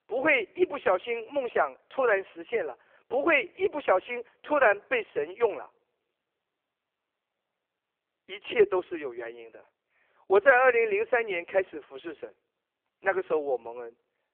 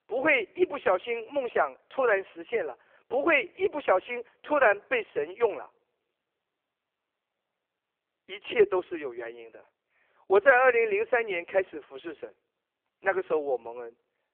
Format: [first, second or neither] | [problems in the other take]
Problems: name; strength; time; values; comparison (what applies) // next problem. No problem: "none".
neither | phone-call audio; poor line; the same in both